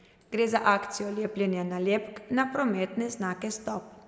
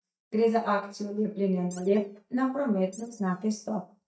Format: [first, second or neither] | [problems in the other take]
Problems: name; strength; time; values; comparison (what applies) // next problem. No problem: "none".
first | noise reduction (neural mask model DeepFilterNet 3)